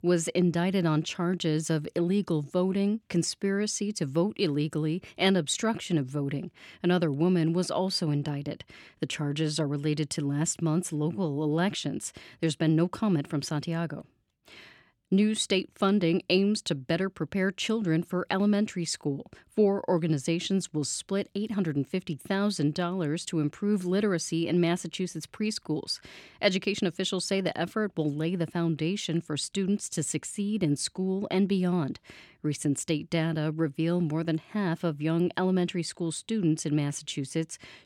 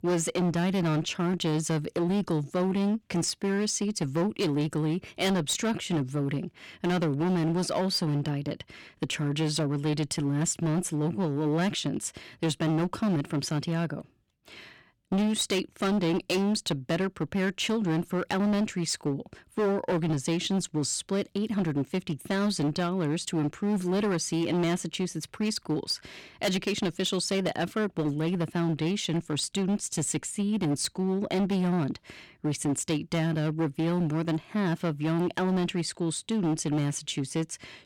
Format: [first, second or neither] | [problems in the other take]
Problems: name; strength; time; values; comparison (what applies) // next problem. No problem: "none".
first | distortion; slight; 15% of the sound clipped